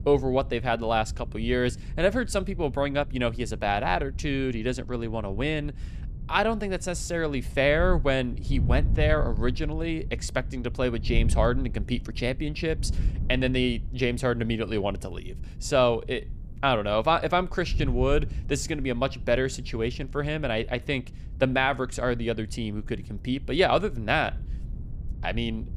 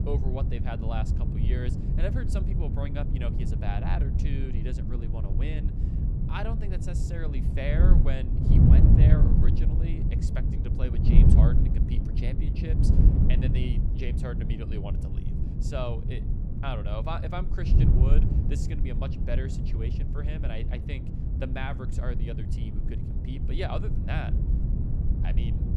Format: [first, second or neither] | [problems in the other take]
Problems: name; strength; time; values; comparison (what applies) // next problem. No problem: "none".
first | wind noise on the microphone; heavy; as loud as the speech; occasional gusts in the first